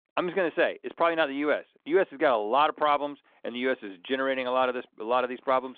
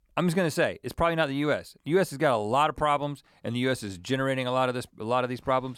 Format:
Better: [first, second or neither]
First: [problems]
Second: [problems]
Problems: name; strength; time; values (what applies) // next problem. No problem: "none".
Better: second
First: phone-call audio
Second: none